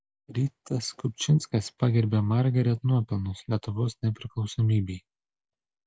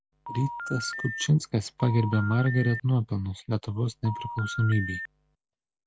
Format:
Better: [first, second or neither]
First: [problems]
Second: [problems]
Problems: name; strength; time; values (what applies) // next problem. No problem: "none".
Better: first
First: none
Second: background sound (Telephone); 10 dB below the speech